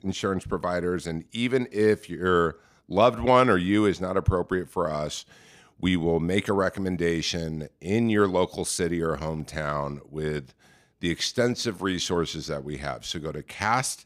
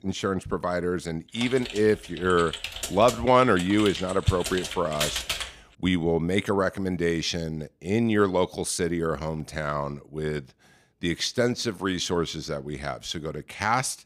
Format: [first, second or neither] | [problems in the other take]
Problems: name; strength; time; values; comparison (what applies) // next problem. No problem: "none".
first | keyboard typing; noticeable; from 1.5 to 5.5 s; peak 1 dB below the speech